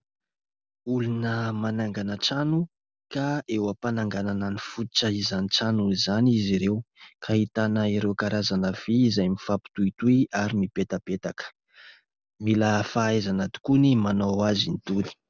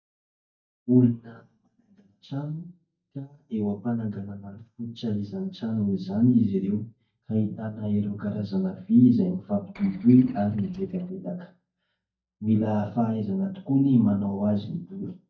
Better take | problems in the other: first | noise reduction (neural mask model DeepFilterNet 3)

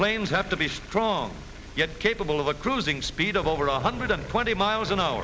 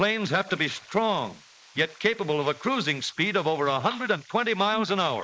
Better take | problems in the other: first | noise reduction (neural mask model Resemble Enhance denoiser)

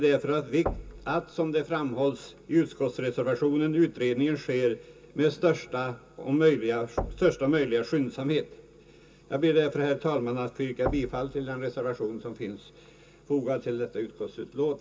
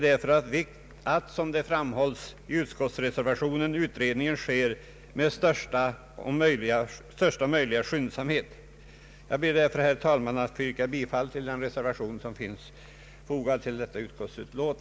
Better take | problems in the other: second | background sound (Knock / Wood / Percussion); 12 dB below the speech // room echo; dies away in 0.2 s

